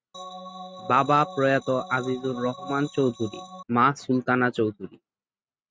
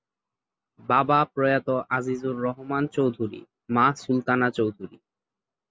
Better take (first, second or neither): second